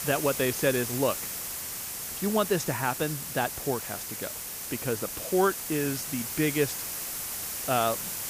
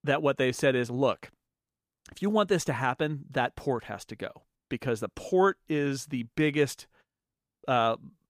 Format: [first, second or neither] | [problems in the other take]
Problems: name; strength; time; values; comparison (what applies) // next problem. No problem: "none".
second | hiss; loud; throughout; 3 dB below the speech